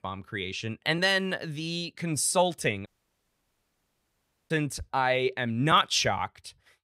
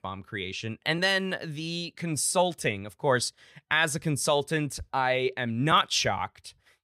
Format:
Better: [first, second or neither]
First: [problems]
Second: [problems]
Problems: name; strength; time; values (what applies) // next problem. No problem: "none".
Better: second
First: audio cutting out; at 3 s for 1.5 s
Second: none